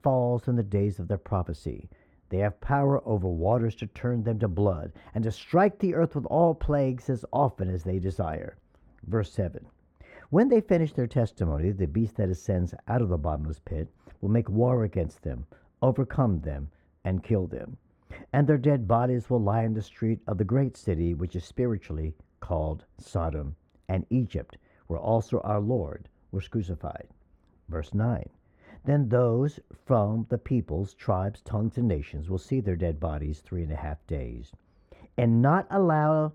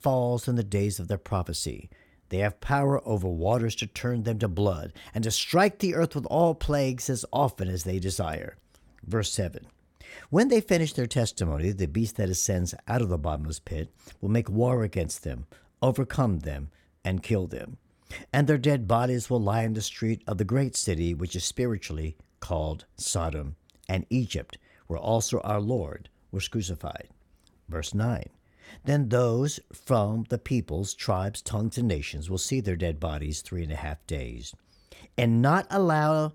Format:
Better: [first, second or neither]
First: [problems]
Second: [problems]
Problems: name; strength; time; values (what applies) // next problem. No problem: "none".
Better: second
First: muffled; very; fading above 2.5 kHz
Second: none